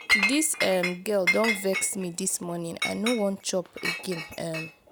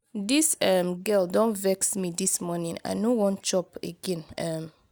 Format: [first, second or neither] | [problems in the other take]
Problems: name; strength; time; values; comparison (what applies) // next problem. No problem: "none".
second | background sound (Chink, clink); 3 dB below the speech